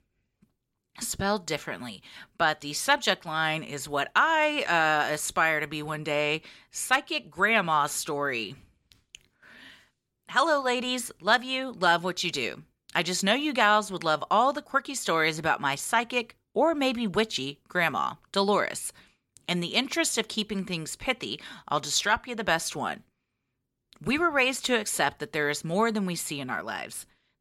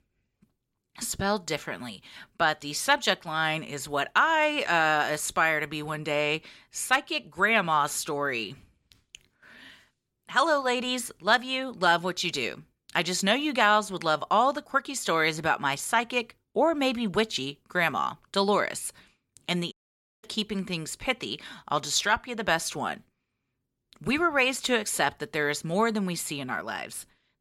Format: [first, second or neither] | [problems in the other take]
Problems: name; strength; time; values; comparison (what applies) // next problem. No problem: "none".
first | audio cutting out; at 20 s for 0.5 s